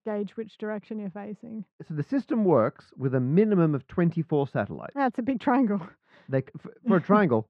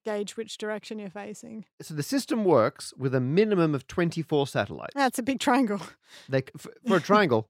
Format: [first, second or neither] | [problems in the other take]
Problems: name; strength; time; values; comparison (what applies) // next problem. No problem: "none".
second | muffled; very; fading above 1.5 kHz